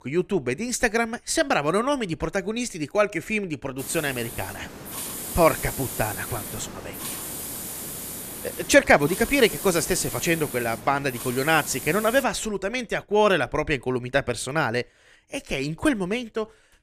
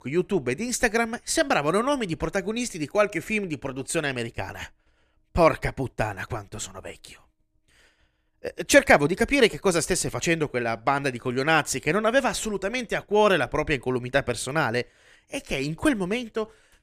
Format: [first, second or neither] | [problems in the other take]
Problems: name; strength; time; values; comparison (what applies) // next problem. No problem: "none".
second | hiss; loud; from 4 to 12 s; 9 dB below the speech